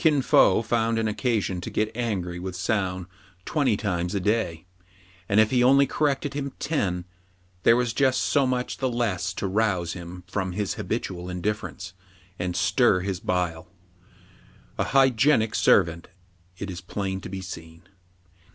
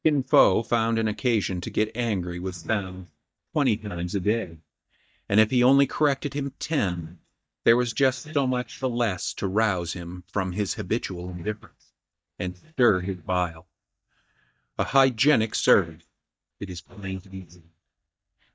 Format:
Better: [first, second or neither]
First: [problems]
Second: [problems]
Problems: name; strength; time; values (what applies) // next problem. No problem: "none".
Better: first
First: none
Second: noise reduction (neural mask model DeepFilterNet 3)